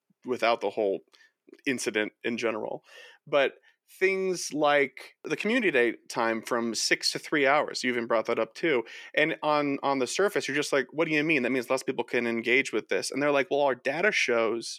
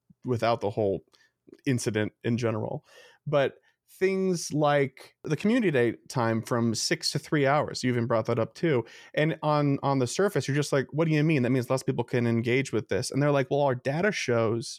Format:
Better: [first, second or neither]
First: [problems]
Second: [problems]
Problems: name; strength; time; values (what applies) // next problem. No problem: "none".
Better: second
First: thin; very slightly; fading below 250 Hz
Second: none